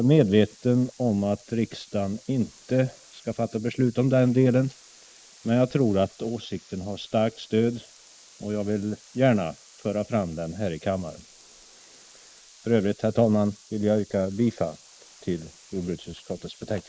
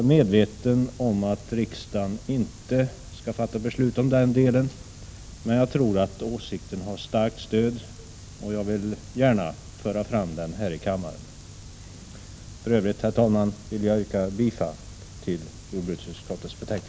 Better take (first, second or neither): second